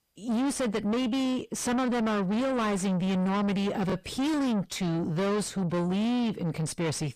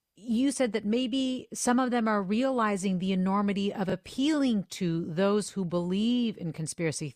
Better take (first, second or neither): second